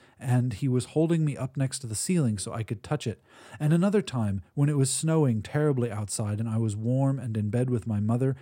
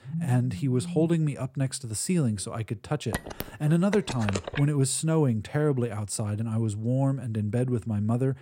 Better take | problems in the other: first | phone ringing; noticeable; until 1 s and from 3 to 4.5 s; peak 6 dB below the speech

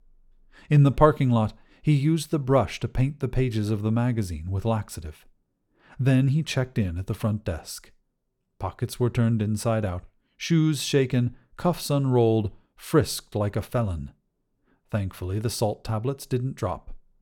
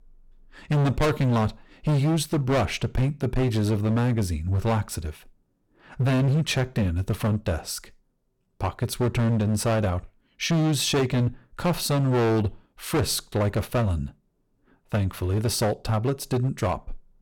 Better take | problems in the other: first | distortion; heavy; 16% of the sound clipped

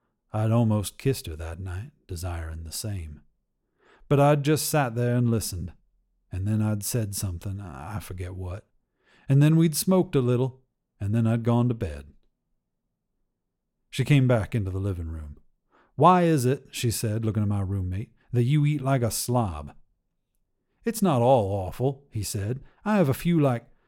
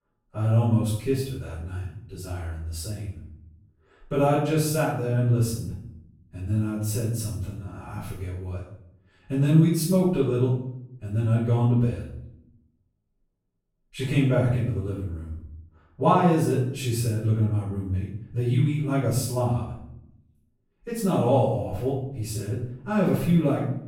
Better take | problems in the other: first | off-mic speech; far // room echo; noticeable; dies away in 0.6 s

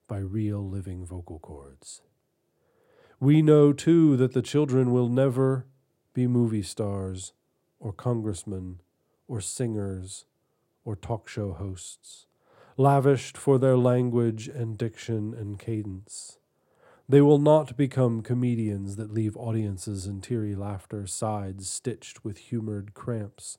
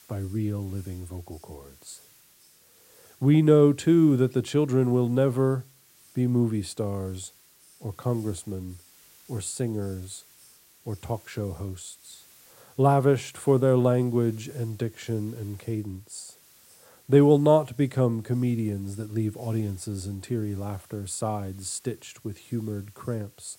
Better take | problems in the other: first | hiss; faint; throughout; 25 dB below the speech

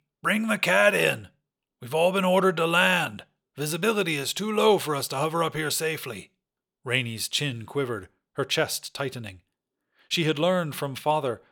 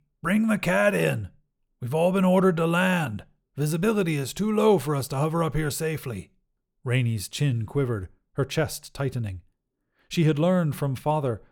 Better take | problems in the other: second | thin; somewhat; fading below 1 kHz

